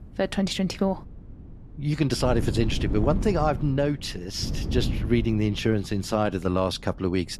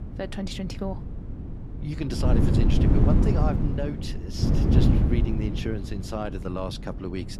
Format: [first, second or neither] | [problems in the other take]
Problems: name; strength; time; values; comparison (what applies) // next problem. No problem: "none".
first | wind noise on the microphone; heavy; 2 dB above the speech; occasional gusts in the first